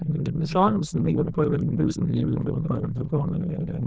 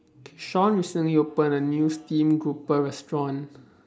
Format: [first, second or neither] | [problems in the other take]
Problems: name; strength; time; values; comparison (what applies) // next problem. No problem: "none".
second | noise reduction (neural diffusion model UNIVERSE++)